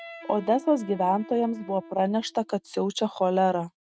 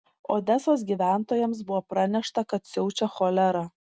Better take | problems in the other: second | noise reduction (neural mask model RNNoise)

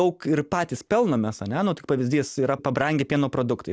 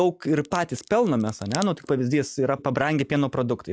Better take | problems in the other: first | noise reduction (classical method log-MMSE)

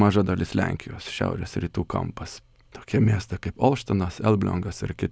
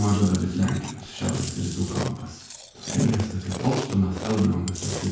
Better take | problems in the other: first | background sound (Chewing, mastication); 10 dB below the speech // room echo; dies away in 0.6 s

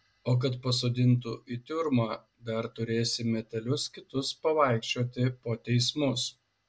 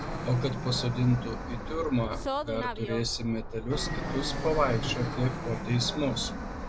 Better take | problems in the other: first | background sound (Fixed-wing aircraft, airplane); 3 dB below the speech

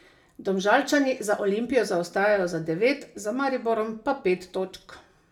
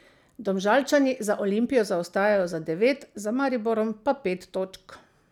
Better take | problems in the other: second | room echo; dies away in 0.3 s

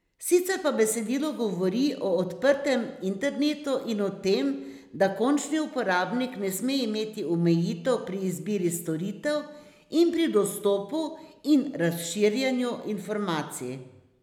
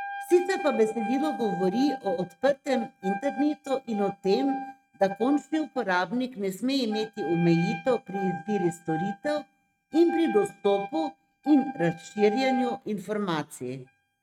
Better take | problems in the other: first | noise reduction (neural mask model RNNoise)

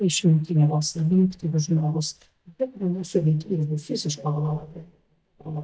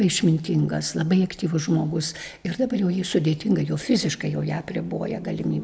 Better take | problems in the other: second | noise reduction (neural mask model DeepFilterNet 3)

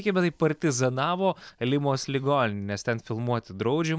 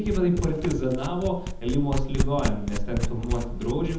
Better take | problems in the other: first | background sound (Domestic sounds, home sounds); 1 dB below the speech // room echo; dies away in 0.8 s

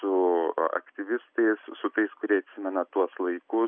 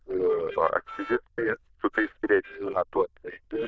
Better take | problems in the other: first | noise reduction (neural diffusion model UNIVERSE++)

